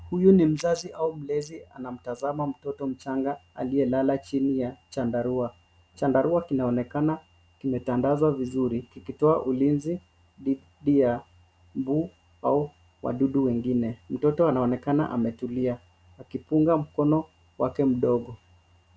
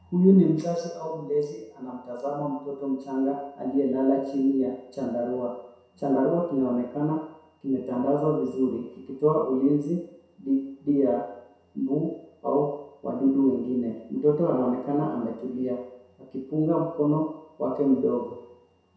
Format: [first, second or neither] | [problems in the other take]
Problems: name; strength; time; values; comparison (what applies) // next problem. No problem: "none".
first | room echo; dies away in 0.7 s